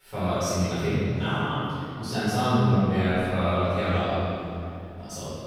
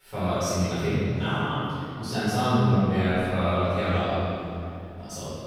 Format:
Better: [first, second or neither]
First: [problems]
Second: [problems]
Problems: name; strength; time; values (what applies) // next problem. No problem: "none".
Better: neither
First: room echo; strong; dies away in 2.5 s // off-mic speech; far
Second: room echo; strong; dies away in 2.5 s // off-mic speech; far